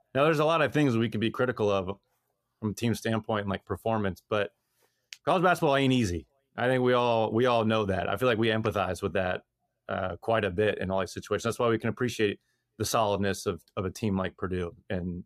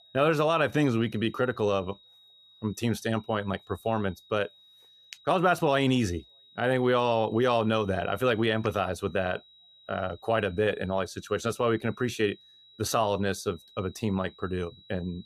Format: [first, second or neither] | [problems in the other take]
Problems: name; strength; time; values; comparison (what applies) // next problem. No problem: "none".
first | high-pitched whine; faint; throughout; 4 kHz, 25 dB below the speech